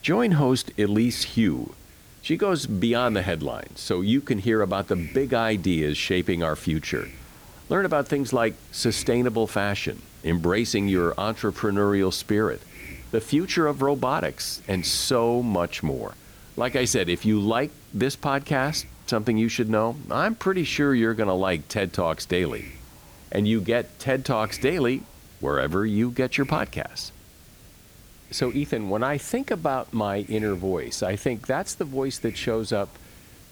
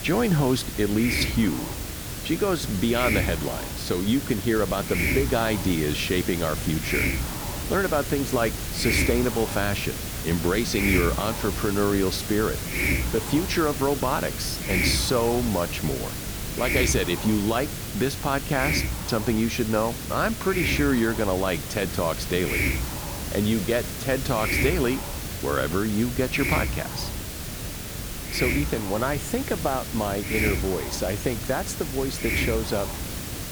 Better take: first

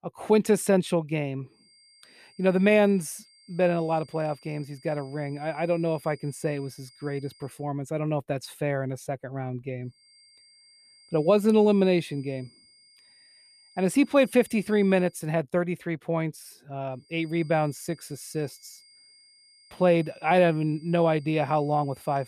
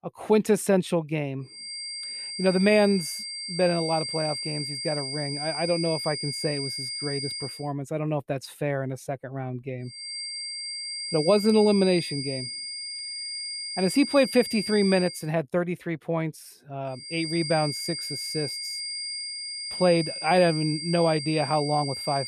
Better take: first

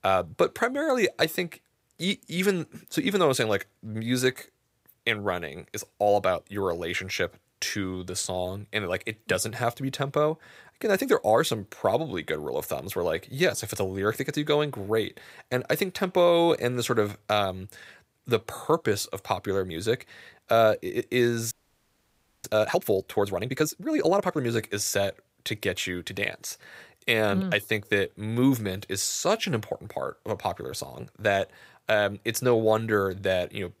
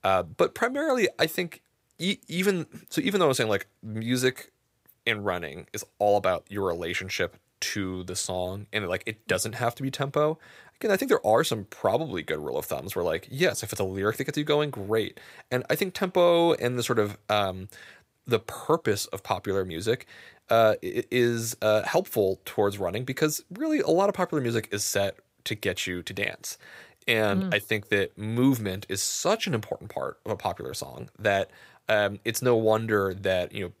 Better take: second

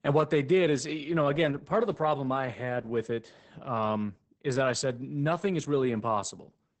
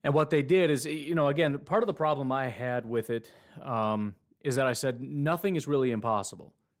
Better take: second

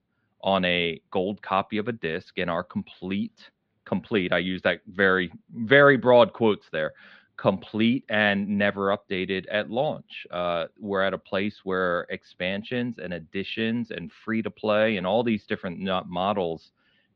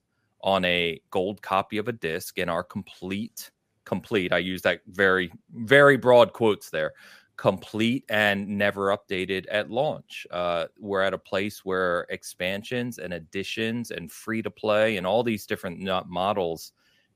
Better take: second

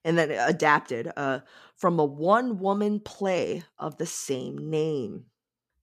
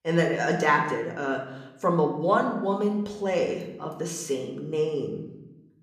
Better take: first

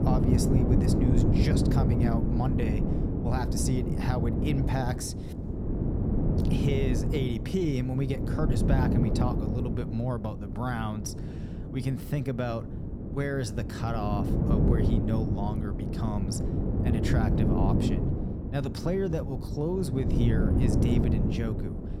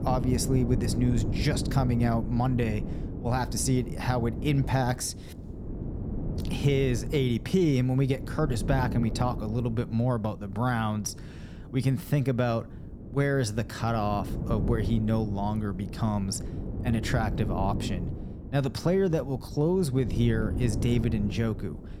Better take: second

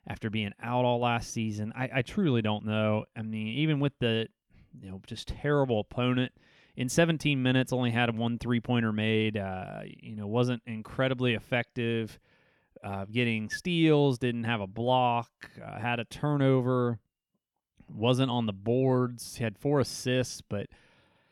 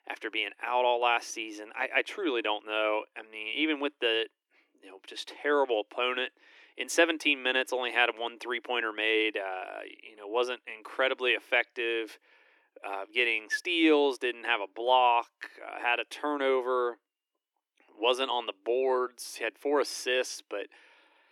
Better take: first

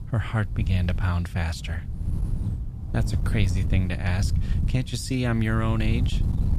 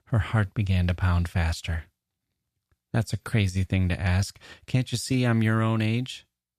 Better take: second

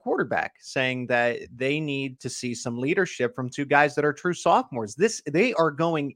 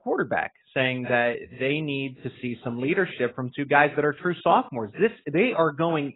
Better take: first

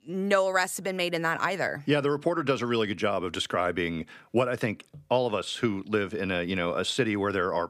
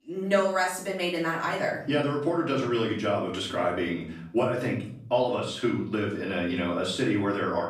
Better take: first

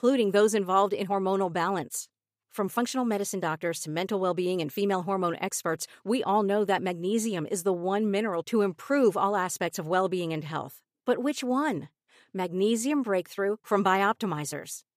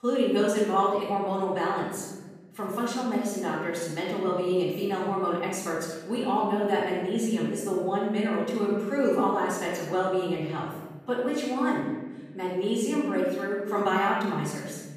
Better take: first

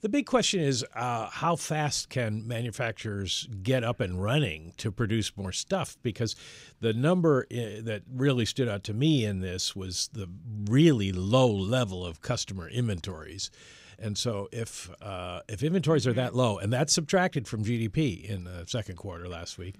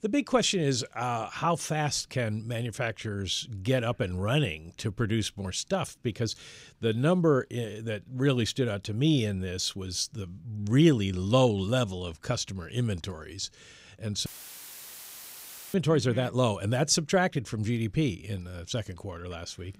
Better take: first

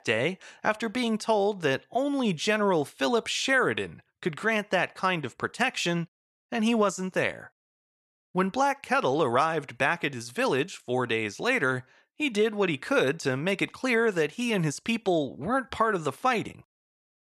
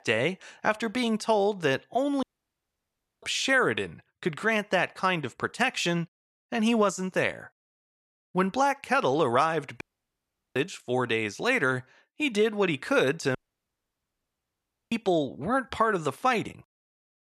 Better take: first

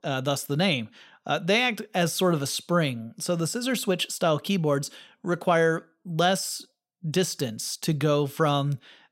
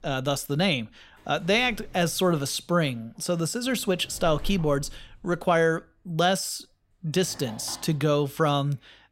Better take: first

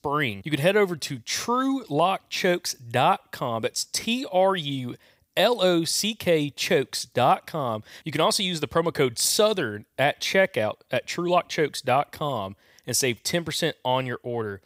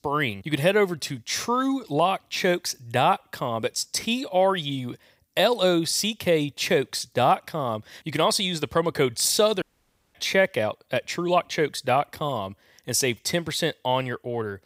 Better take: first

